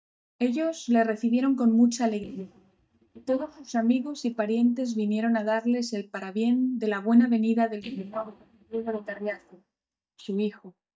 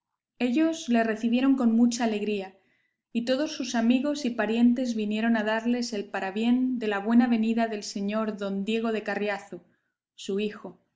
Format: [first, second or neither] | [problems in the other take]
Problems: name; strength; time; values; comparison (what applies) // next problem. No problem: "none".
second | noise reduction (neural mask model DeepFilterNet 3)